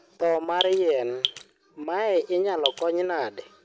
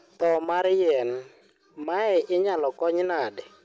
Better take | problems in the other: second | background sound (Drip); 5 dB below the speech

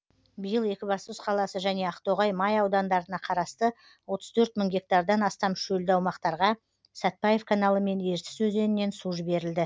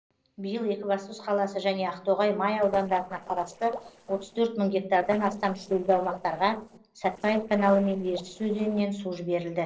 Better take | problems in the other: first | noise reduction (neural separator model SepFormer DNS4)

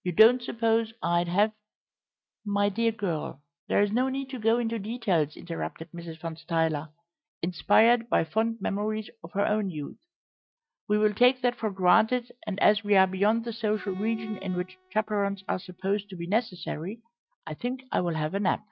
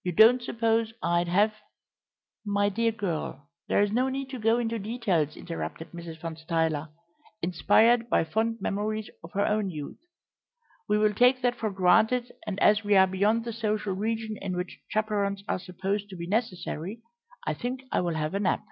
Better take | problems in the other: second | noise reduction (neural mask model RNNoise)

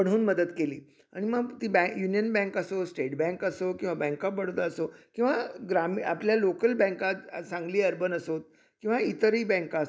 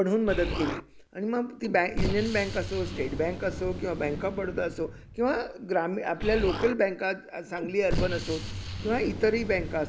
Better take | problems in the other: first | background sound (Explosion); 6 dB below the speech

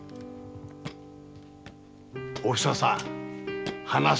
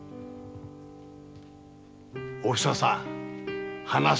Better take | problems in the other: second | background sound (Walk, footsteps); 16 dB below the speech

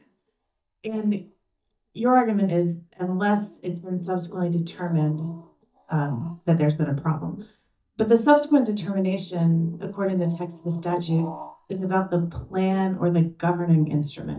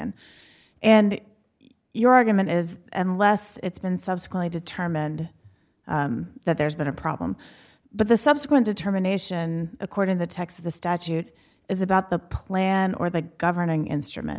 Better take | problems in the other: second | noise reduction (neural mask model DeepFilterNet 3)

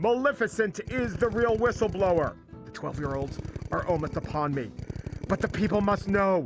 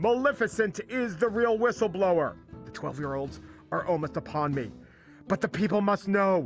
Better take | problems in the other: second | background sound (Drill); 9 dB below the speech

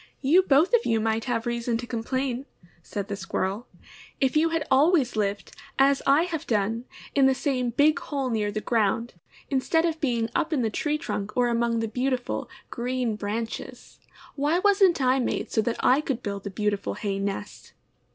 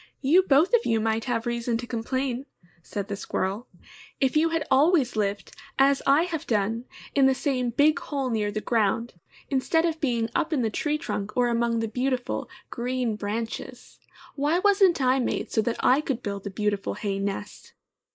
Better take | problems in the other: first | noise reduction (neural mask model Resemble Enhance denoiser)

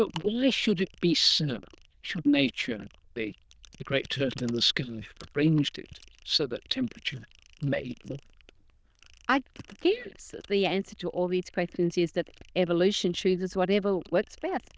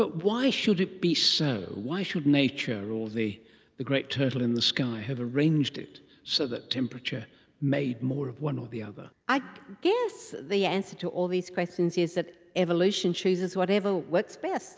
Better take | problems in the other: second | noise reduction (neural diffusion model UNIVERSE++)

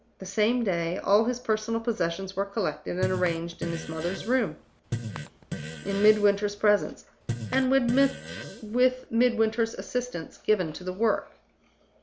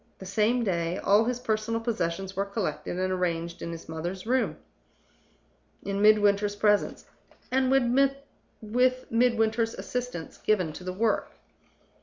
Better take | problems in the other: second | background sound (Fart); 9 dB below the speech

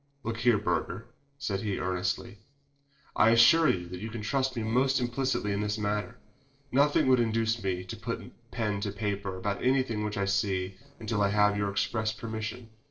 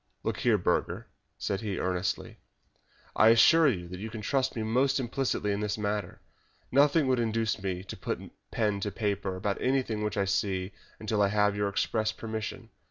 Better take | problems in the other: second | noise reduction (neural separator model SepFormer DNS4)

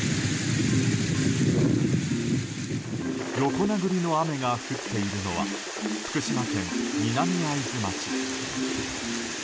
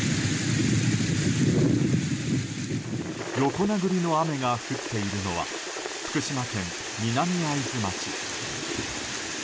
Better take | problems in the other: second | background sound (Marimba, xylophone); 7 dB below the speech

